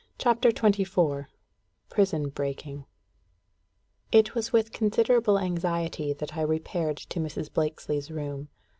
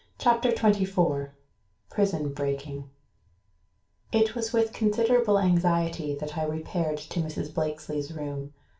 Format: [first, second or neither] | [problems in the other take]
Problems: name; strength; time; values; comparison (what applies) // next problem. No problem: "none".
first | room echo; dies away in 0.3 s